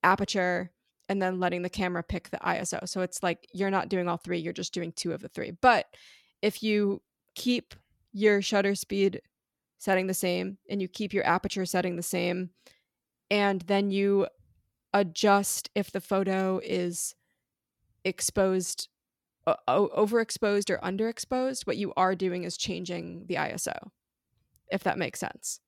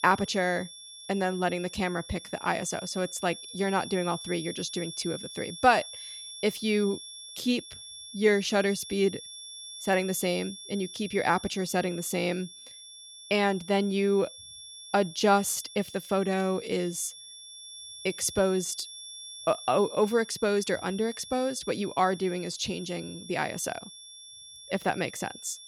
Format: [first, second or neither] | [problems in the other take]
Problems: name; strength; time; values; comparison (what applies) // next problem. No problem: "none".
first | high-pitched whine; noticeable; throughout; 3.5 kHz, 15 dB below the speech